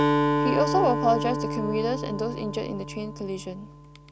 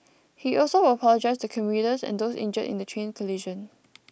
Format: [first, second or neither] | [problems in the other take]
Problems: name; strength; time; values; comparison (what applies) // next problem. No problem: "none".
second | background sound (Acoustic guitar); as loud as the speech